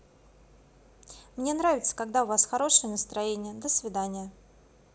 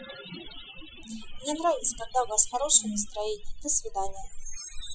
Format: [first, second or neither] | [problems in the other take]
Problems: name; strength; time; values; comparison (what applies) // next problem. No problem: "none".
first | noise reduction (classical method Wiener filter)